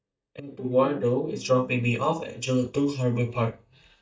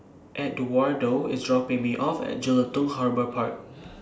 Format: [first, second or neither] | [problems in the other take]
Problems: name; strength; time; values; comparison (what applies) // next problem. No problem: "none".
second | noise reduction (neural mask model DeepFilterNet 3)